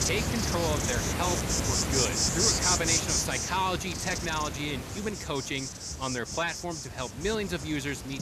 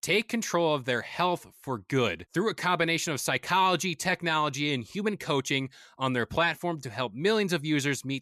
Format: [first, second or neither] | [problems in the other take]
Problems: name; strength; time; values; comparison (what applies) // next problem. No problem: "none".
second | animal sounds; very loud; throughout; 3 dB above the speech